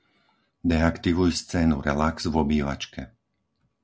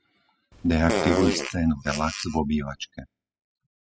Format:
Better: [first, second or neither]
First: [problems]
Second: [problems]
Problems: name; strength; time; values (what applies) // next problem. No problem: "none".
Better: first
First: none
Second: noise reduction (classical method spectral subtraction)